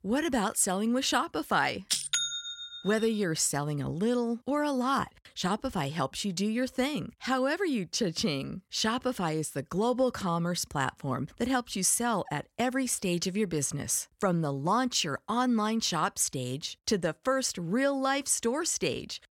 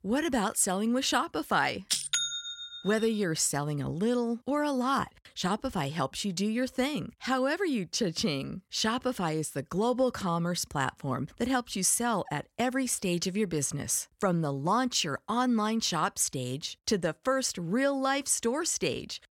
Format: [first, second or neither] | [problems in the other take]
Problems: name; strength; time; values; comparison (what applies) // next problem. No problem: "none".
neither | none